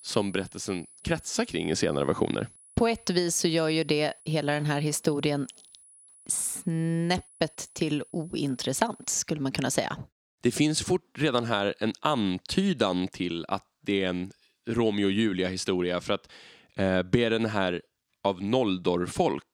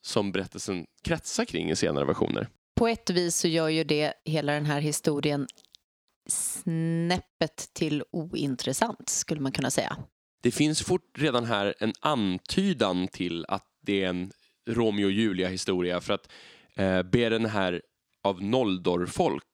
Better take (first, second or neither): second